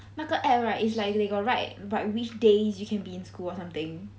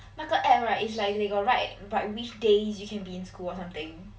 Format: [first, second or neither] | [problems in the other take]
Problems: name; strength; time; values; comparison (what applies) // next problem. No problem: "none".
first | room echo; dies away in 0.1 s